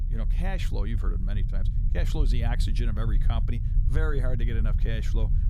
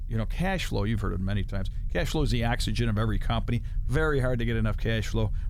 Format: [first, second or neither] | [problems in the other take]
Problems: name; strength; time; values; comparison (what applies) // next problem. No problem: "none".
second | low rumble; loud; throughout; 8 dB below the speech; faint in the second